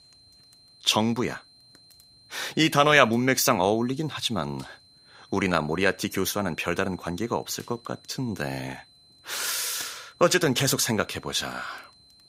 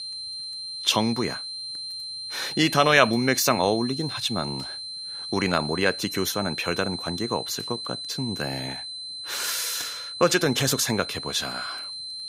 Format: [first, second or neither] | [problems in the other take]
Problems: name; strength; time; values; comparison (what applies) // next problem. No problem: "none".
first | high-pitched whine; loud; throughout; 4 kHz, 7 dB below the speech; faint in the first